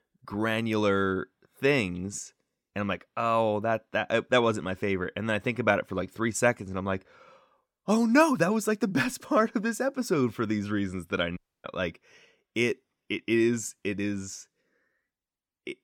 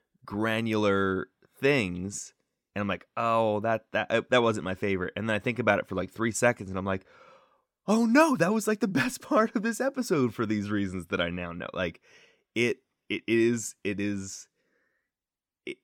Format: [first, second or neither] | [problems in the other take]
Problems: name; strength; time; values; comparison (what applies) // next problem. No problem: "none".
second | audio cutting out; at 11 s